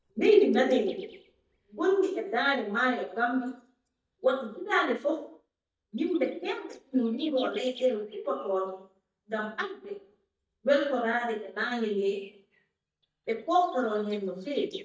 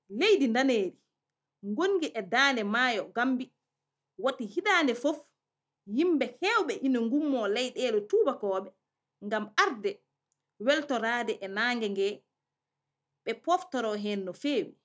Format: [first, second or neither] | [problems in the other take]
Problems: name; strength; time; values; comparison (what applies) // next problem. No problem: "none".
second | noise reduction (neural mask model DeepFilterNet 3)